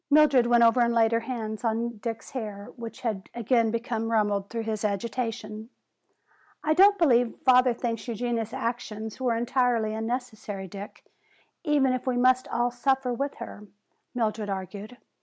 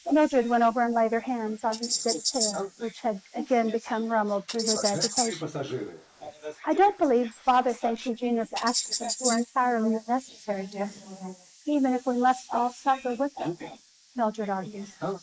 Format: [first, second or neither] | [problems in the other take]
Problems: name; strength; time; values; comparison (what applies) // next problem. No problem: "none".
first | noise reduction (neural mask model Resemble Enhance denoiser)